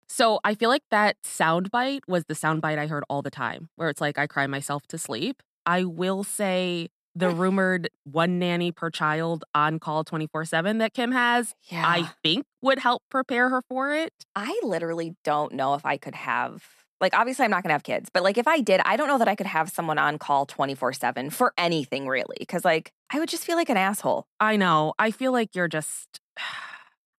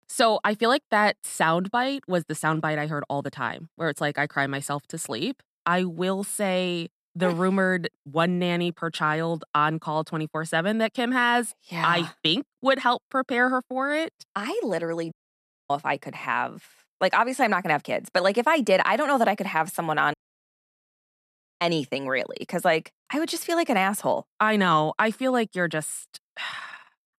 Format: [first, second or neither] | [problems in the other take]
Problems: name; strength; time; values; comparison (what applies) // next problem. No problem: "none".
first | audio cutting out; at 15 s for 0.5 s and at 20 s for 1.5 s